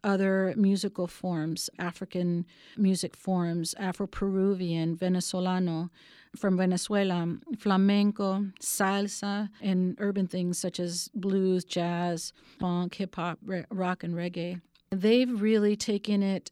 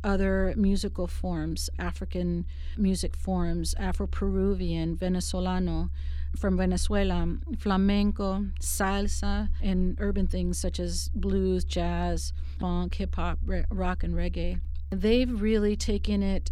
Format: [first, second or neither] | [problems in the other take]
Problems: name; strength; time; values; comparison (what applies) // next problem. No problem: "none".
first | low rumble; faint; throughout; 25 dB below the speech